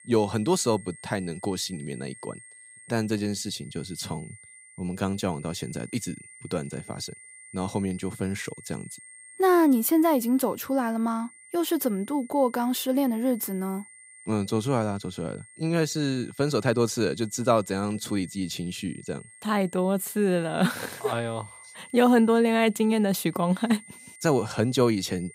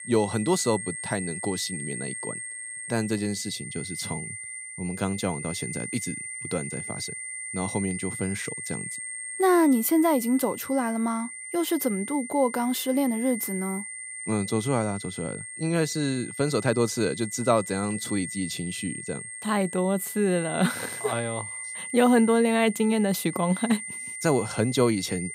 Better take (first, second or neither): first